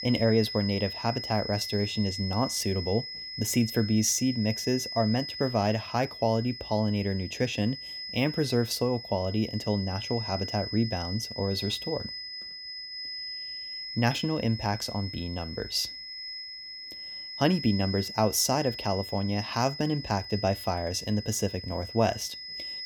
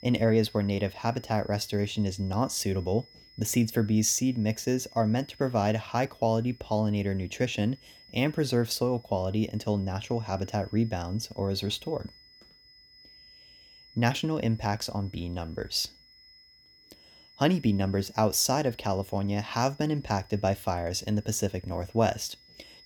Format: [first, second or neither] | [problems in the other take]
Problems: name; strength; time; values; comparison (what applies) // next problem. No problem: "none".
second | high-pitched whine; loud; throughout; 5 kHz, 8 dB below the speech; faint in the second